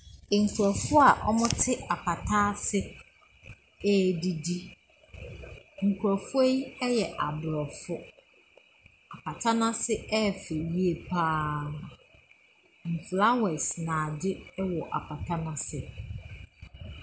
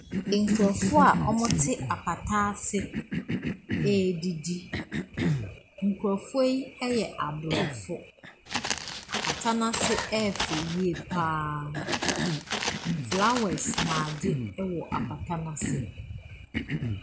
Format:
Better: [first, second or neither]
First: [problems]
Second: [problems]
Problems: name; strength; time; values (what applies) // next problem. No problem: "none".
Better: first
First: none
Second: background sound (Walk, footsteps + Cough); 3 dB below the speech